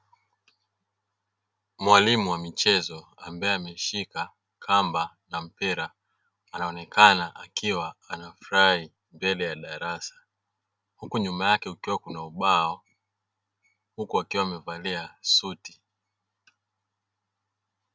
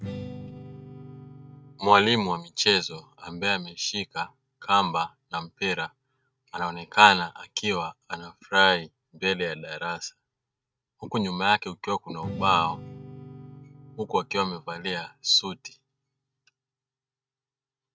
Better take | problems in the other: first | noise reduction (neural mask model RNNoise)

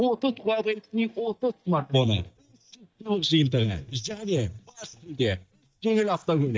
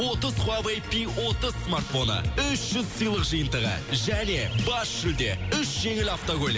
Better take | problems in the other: second | noise reduction (neural mask model DeepFilterNet 3)

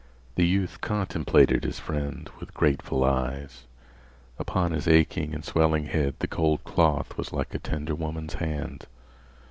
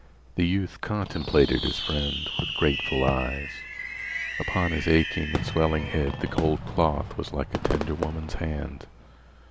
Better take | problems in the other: first | background sound (Fireworks); 6 dB below the speech

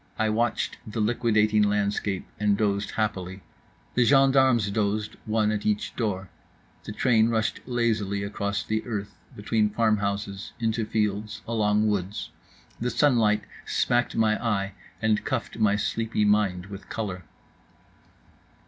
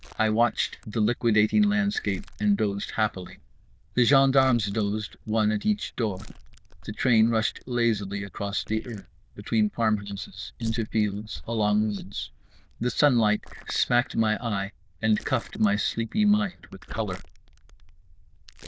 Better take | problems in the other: first | noise reduction (neural diffusion model UNIVERSE++)

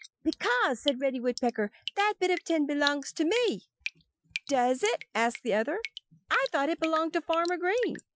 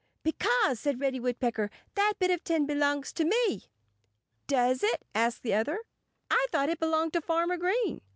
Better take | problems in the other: second | noise reduction (classical method Wiener filter)

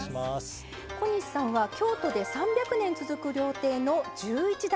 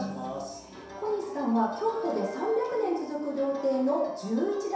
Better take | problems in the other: first | room echo; dies away in 0.7 s

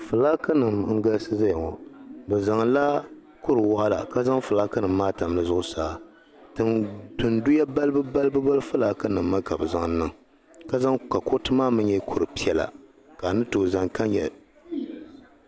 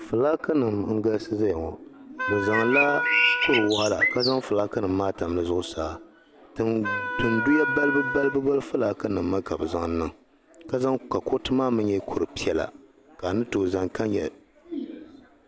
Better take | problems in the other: first | background sound (Bird + Wind instrument, woodwind instrument); as loud as the speech

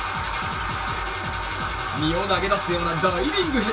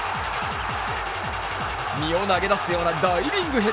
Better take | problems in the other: second | room echo; dies away in 0.2 s

